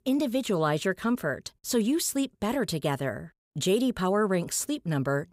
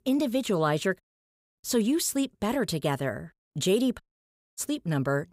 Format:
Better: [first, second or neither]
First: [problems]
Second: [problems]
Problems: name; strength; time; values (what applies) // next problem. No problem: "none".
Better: first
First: none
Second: audio cutting out; at 1 s for 0.5 s and at 4 s for 0.5 s